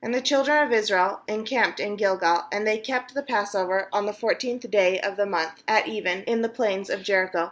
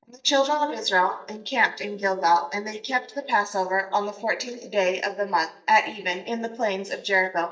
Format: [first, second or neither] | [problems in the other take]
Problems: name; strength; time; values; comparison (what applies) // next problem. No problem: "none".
first | noise reduction (neural mask model DeepFilterNet 3)